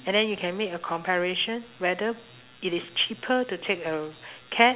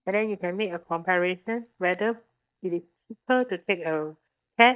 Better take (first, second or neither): first